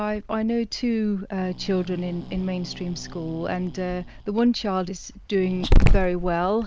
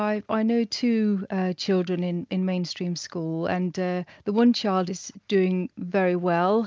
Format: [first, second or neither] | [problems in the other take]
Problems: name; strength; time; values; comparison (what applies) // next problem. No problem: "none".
second | background sound (Growling); 1 dB above the speech